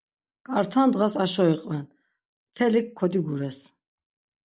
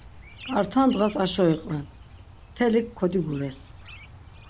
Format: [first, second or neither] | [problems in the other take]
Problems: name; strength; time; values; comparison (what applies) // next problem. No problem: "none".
first | background sound (Chirp, tweet); 18 dB below the speech